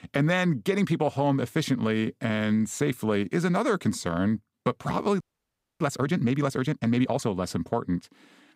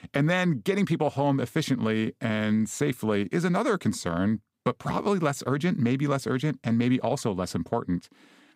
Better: second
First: audio freezing; at 5 s for 0.5 s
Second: none

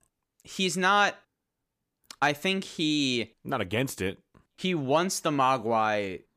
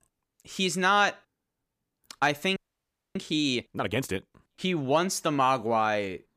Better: first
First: none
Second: audio freezing; at 2.5 s for 0.5 s

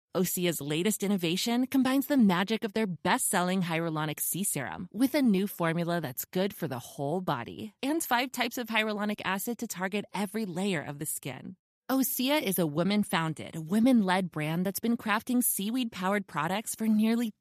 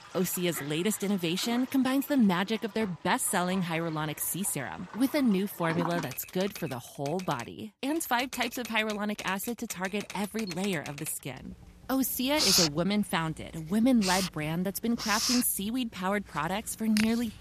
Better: first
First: none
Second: household noises; loud; throughout; 4 dB below the speech

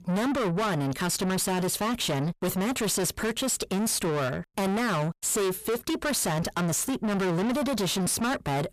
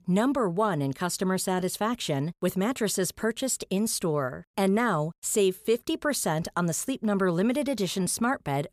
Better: second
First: distortion; heavy; 6 dB below the speech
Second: none

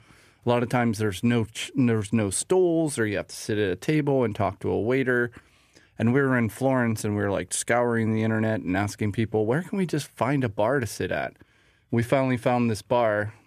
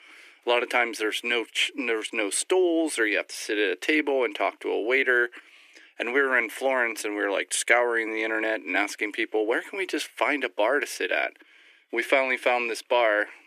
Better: first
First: none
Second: thin; very; fading below 300 Hz

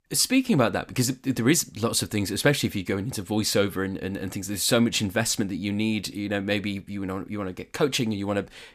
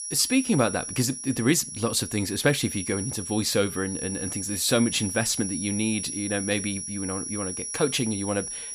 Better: first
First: none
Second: high-pitched whine; loud; throughout; 10 kHz, 5 dB below the speech

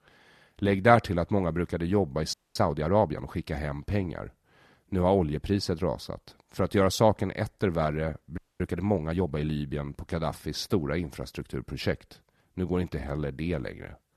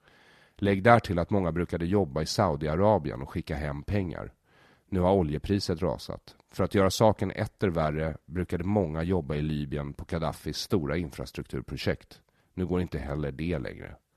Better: second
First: audio freezing; at 2.5 s and at 8.5 s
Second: none

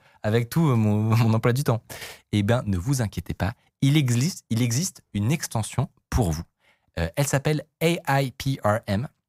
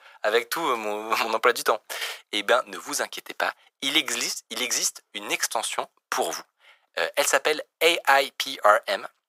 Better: first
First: none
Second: thin; very; fading below 450 Hz

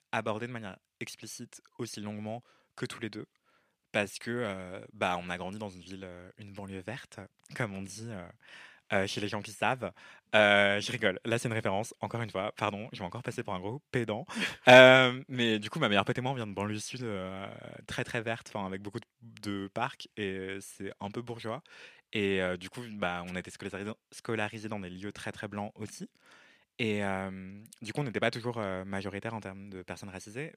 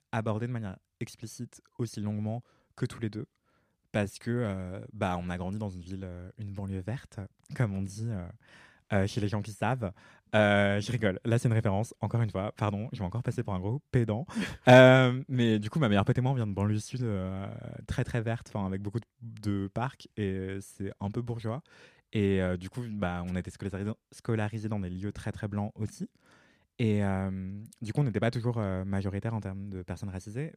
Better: second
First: thin; somewhat; fading below 950 Hz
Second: none

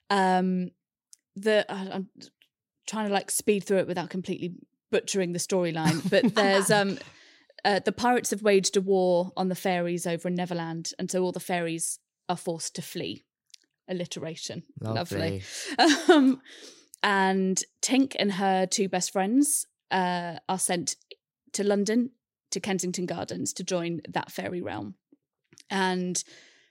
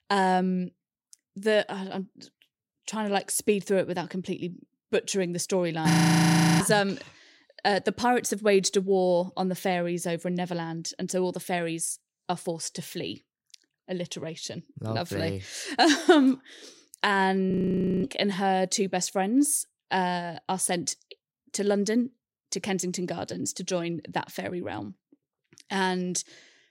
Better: first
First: none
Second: audio freezing; at 6 s for 0.5 s and at 18 s for 0.5 s

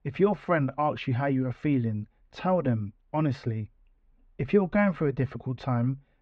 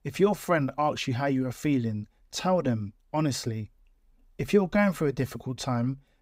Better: second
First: muffled; very; fading above 2.5 kHz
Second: none

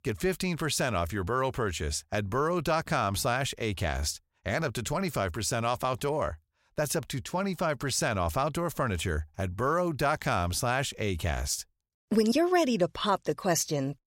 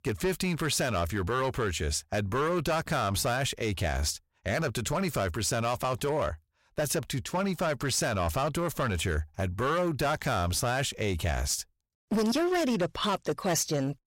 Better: first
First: none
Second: distortion; slight; 11% of the sound clipped

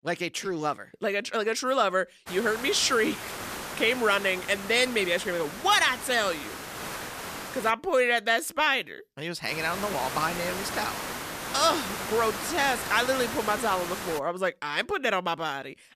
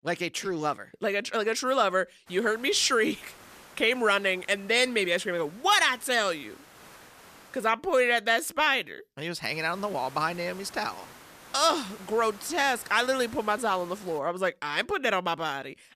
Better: second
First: hiss; loud; from 2.5 to 7.5 s and from 9.5 to 14 s; 8 dB below the speech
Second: hiss; faint; from 2.5 to 7.5 s and from 9.5 to 14 s; 20 dB below the speech

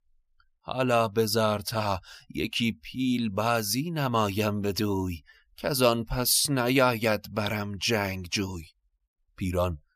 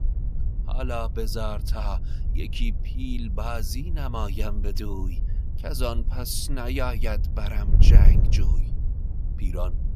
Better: first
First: none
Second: wind noise on the microphone; heavy; 10 dB below the speech

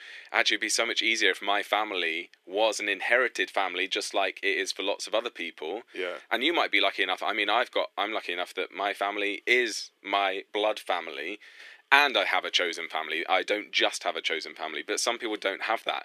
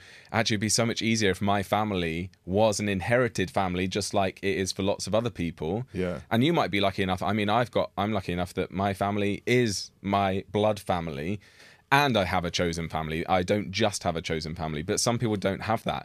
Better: second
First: thin; very; fading below 300 Hz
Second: none

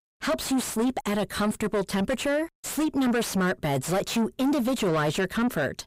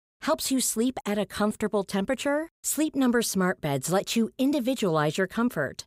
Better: second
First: distortion; heavy; 7 dB below the speech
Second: none

